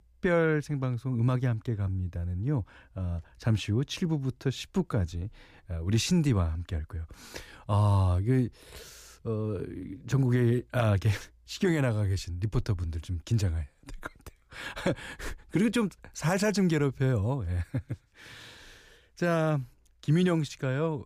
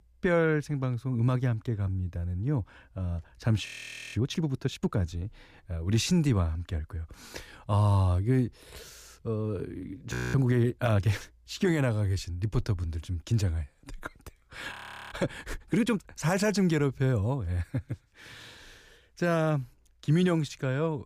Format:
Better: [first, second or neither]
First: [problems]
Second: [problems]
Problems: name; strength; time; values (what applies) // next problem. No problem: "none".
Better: first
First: none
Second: audio freezing; at 3.5 s, at 10 s and at 15 s